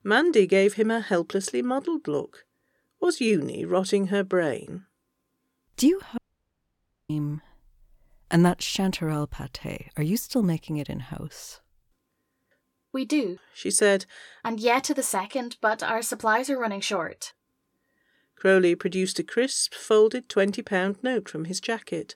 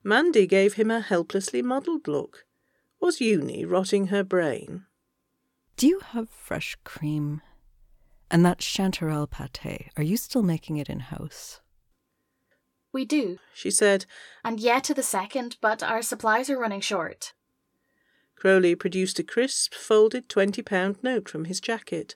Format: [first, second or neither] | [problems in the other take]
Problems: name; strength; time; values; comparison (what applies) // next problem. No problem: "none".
second | audio cutting out; at 6 s for 1 s